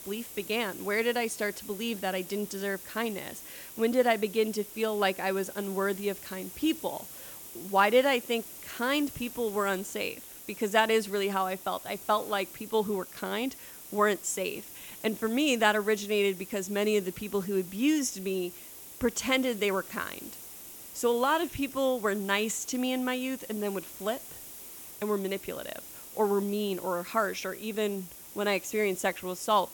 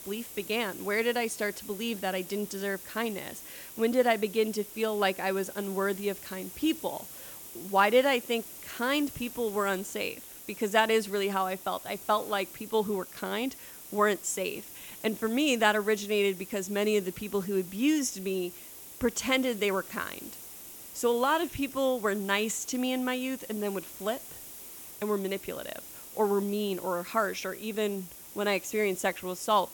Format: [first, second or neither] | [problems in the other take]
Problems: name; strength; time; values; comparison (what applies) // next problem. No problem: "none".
neither | hiss; noticeable; throughout; 15 dB below the speech; the same in both